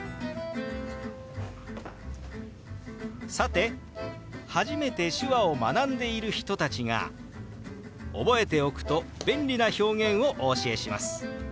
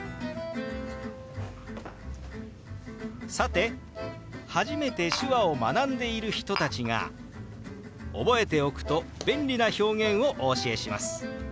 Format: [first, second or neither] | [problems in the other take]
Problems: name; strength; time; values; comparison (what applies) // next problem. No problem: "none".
first | background sound (Glass); 11 dB below the speech